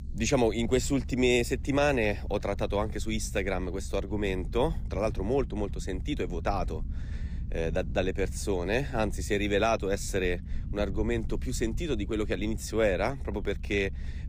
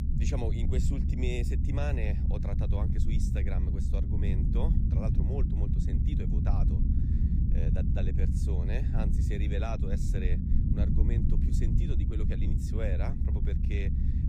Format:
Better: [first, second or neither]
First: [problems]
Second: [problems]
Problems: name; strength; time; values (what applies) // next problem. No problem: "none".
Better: first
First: low rumble; faint; throughout; 25 dB below the speech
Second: low rumble; loud; throughout; 1 dB below the speech